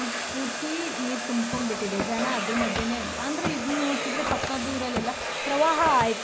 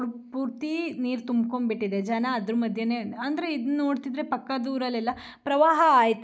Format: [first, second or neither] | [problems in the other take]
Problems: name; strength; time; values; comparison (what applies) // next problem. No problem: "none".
second | background sound (Domestic sounds, home sounds); 2 dB below the speech